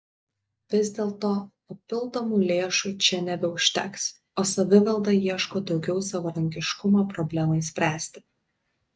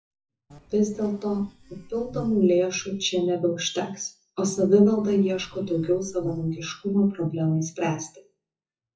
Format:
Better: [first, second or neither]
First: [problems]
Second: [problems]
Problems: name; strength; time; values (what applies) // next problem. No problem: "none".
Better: first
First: none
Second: noise reduction (classical method WPE with log-MMSE)